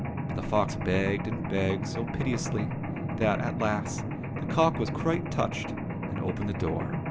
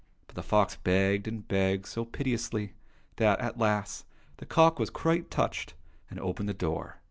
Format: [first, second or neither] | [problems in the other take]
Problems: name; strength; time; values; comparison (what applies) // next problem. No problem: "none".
second | background sound (Mechanisms); 1 dB below the speech